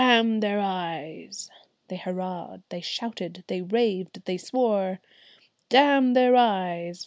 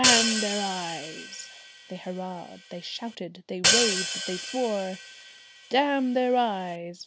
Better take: first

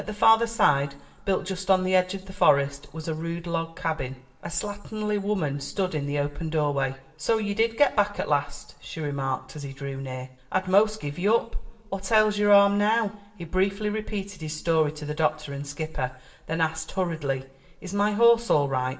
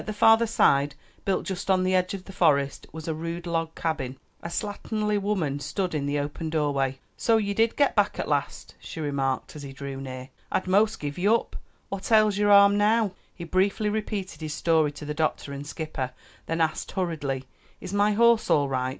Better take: second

